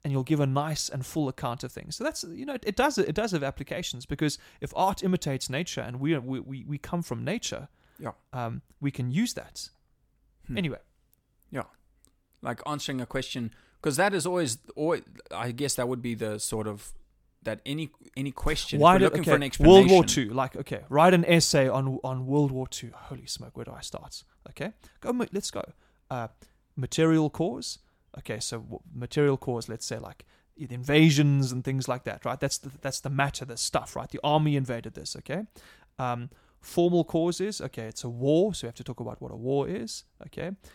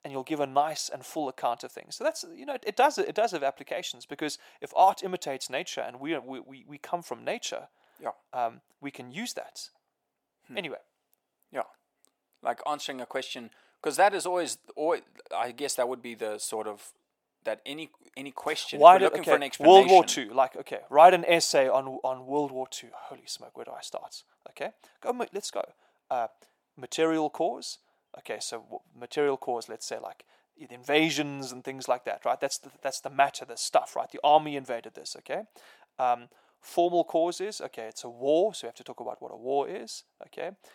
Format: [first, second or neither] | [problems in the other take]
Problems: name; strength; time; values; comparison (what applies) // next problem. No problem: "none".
first | thin; very; fading below 400 Hz